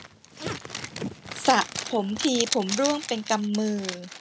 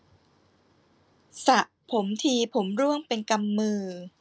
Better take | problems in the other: second | background sound (Zipper (clothing)); 7 dB below the speech

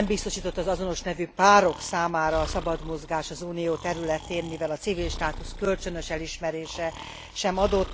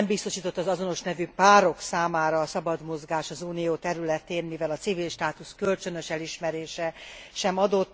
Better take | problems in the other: second | background sound (Breathing); 11 dB below the speech

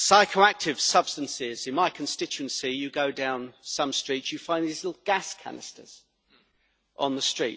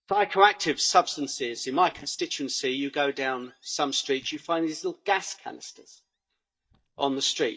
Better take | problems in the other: first | noise reduction (neural mask model DeepFilterNet 3)

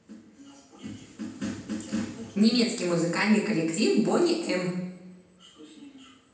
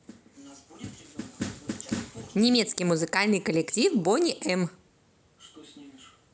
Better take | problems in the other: second | room echo; dies away in 0.9 s

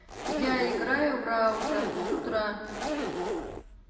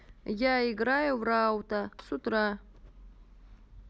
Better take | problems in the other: second | background sound (Zipper (clothing)); 3 dB below the speech // room echo; dies away in 2.4 s

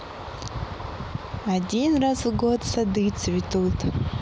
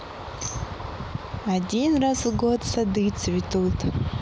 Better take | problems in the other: first | background sound (Tambourine); 18 dB below the speech

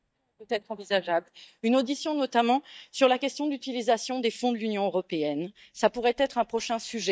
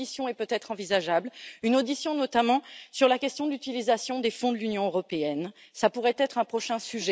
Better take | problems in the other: second | noise reduction (neural mask model DeepFilterNet 3)

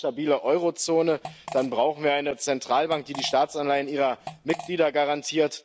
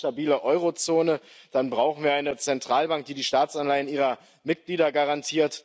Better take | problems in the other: second | background sound (Fart); 16 dB below the speech

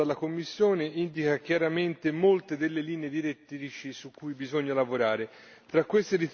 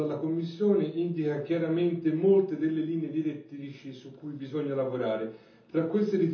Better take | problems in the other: first | room echo; dies away in 0.6 s

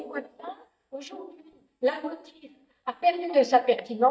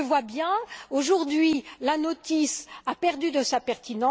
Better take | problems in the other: second | noise reduction (neural mask model DeepFilterNet 3)

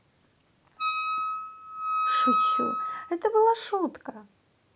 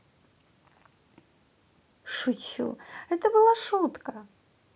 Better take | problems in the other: second | background sound (Wind instrument, woodwind instrument); 2 dB above the speech

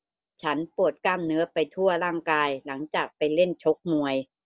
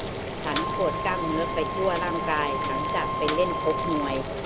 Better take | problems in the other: first | background sound (Boiling + Wind instrument, woodwind instrument); 1 dB above the speech

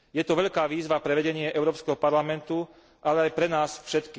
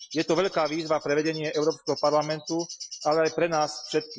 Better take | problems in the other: first | noise reduction (classical method Wiener filter)

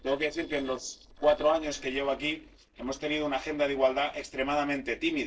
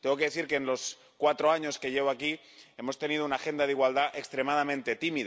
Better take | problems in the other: second | noise reduction (neural separator model SepFormer DNS4)

